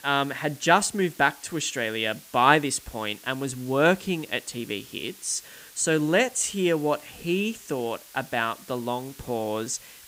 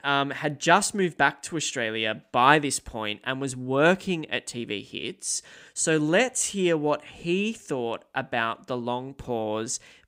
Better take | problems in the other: second | hiss; faint; throughout; 20 dB below the speech

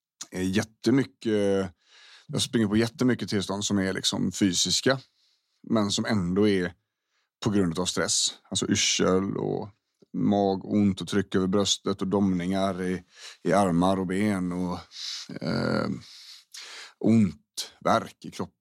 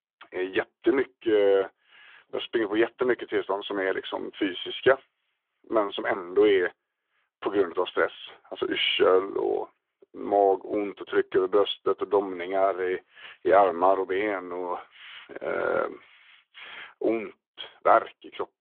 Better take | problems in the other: first | phone-call audio; nothing above 3.5 kHz

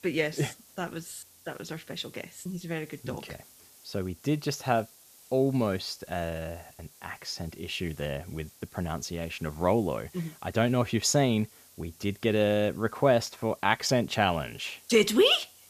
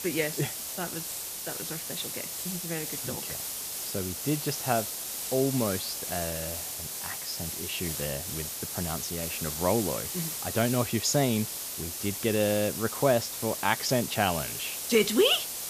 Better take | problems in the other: first | hiss; loud; throughout; 3 dB below the speech; faint in the first

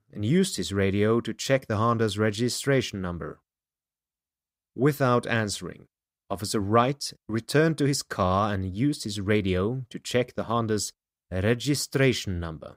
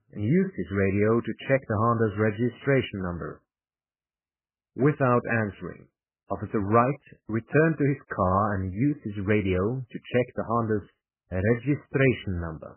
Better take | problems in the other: first | garbled, watery; badly; nothing above 3 kHz

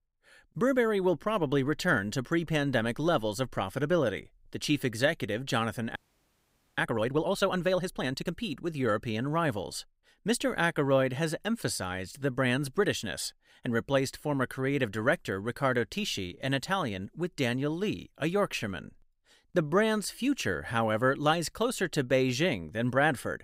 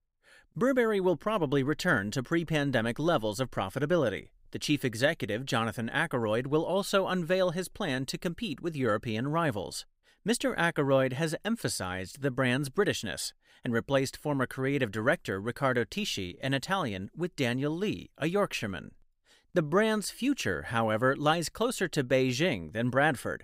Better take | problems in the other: second | audio freezing; at 6 s for 1 s

